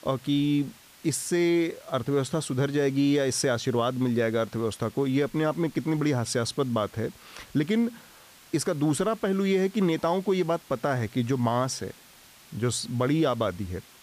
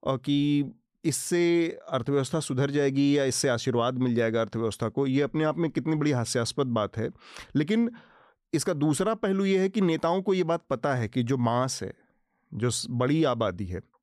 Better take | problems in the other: second | hiss; faint; throughout; 25 dB below the speech

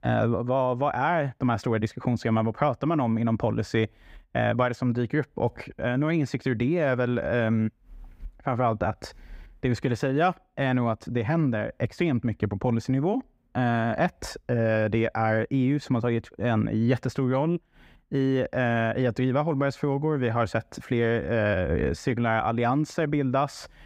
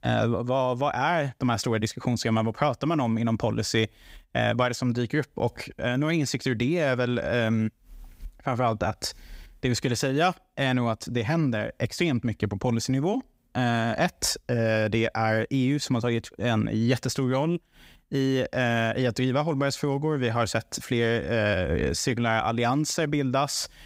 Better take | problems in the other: second | muffled; slightly; fading above 3 kHz

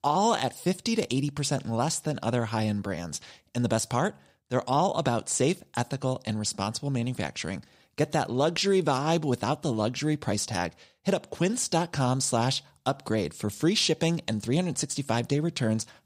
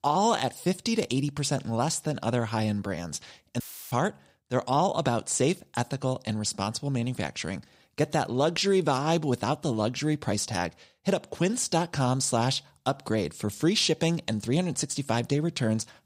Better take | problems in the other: first | audio cutting out; filled with static; at 3.5 s

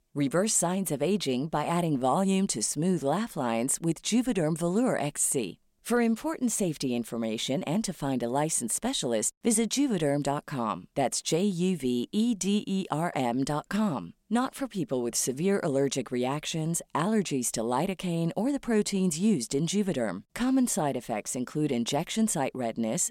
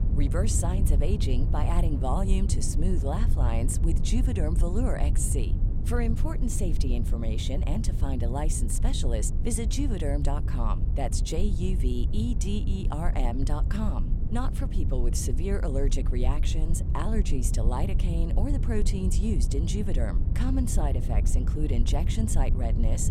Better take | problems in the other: first | low rumble; loud; throughout; 8 dB below the speech

